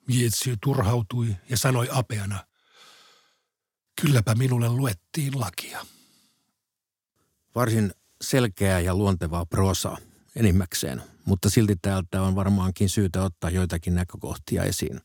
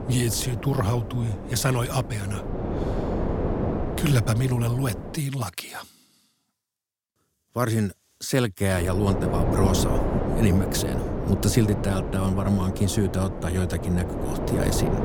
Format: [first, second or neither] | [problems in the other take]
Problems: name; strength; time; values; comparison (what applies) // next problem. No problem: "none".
first | wind noise on the microphone; heavy; until 5 s and from 8.5 s on; 3 dB below the speech